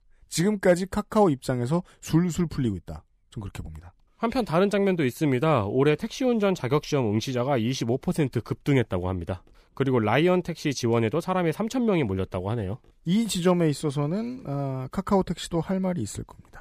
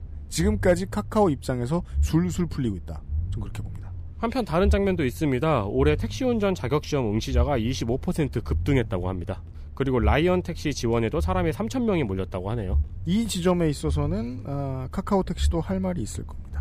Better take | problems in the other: first | low rumble; faint; throughout; 25 dB below the speech

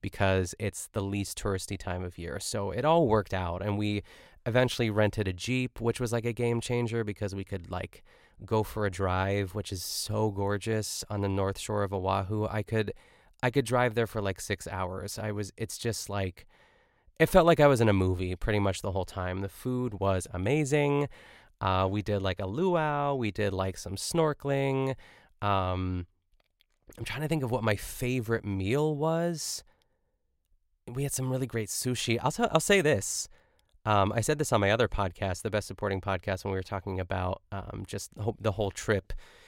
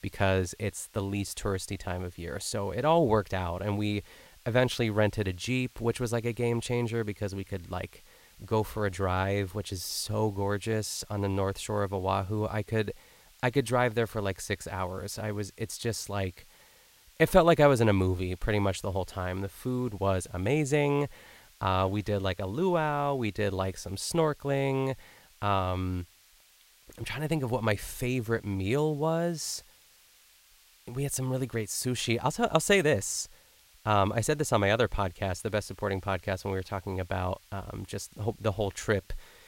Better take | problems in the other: first | hiss; faint; throughout; 30 dB below the speech

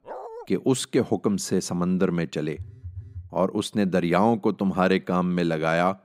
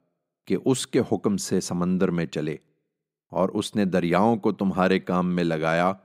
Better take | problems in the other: second | dog barking; faint; at the start; peak 15 dB below the speech // phone ringing; faint; at 2.5 s; peak 15 dB below the speech

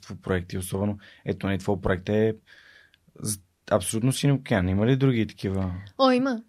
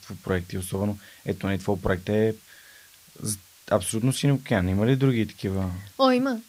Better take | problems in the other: first | hiss; faint; throughout; 25 dB below the speech

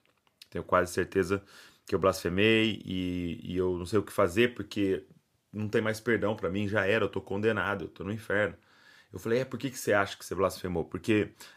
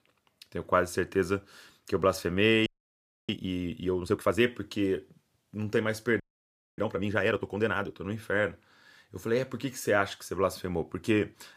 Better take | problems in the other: first | audio freezing; at 2.5 s for 0.5 s and at 6 s for 0.5 s

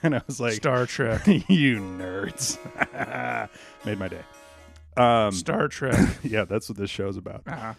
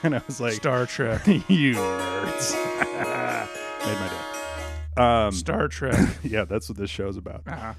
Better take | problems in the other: first | background music; loud; throughout; 6 dB below the speech; faint in the first

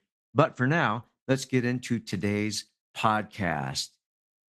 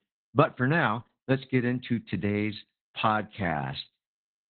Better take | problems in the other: first | garbled, watery; badly; nothing above 4 kHz; slightly in the first

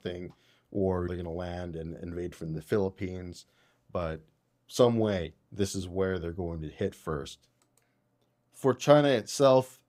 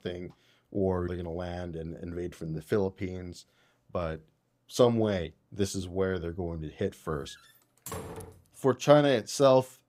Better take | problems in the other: first | door banging; faint; from 7.5 to 8.5 s; peak 10 dB below the speech

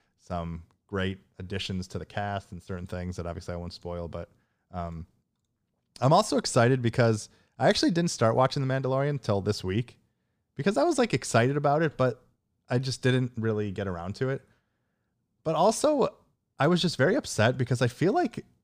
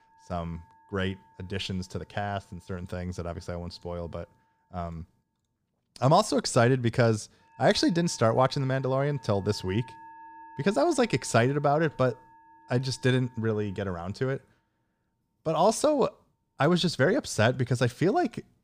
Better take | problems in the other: first | background music; faint; throughout; 25 dB below the speech

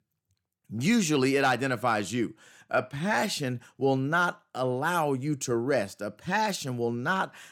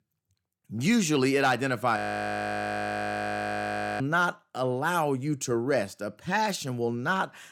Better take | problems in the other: first | audio freezing; at 2 s for 2 s

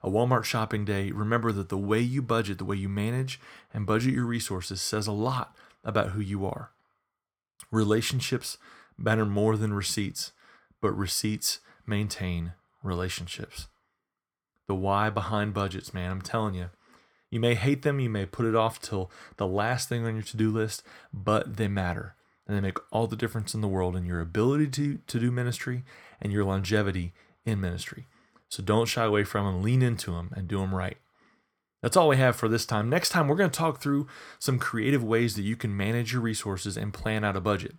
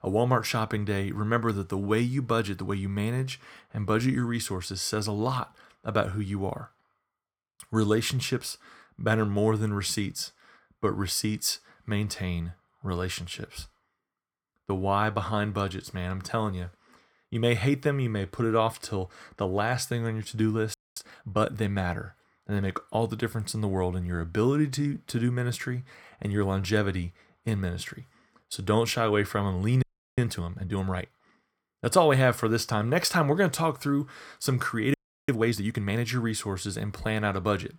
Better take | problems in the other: first | audio freezing; at 21 s, at 30 s and at 35 s

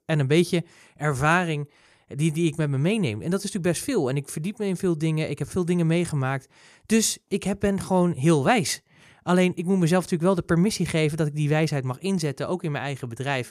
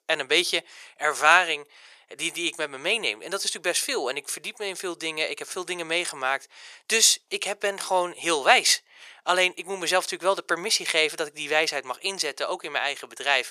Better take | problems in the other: first | thin; very; fading below 550 Hz

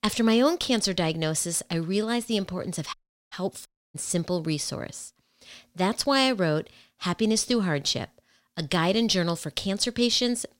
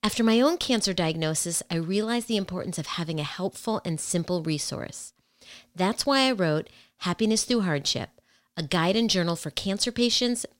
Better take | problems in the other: second | audio cutting out; at 3 s and at 3.5 s

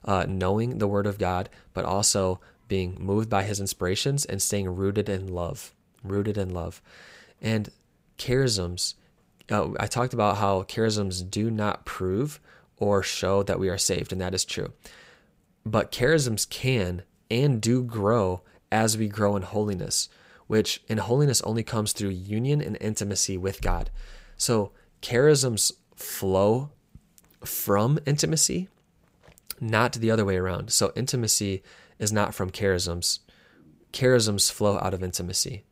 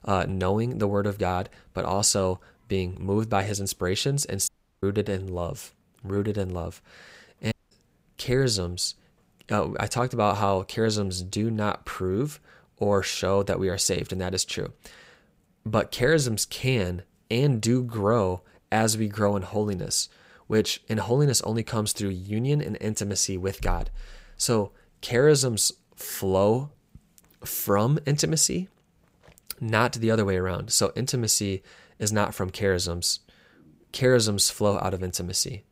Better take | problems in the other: first | audio cutting out; at 4.5 s and at 7.5 s

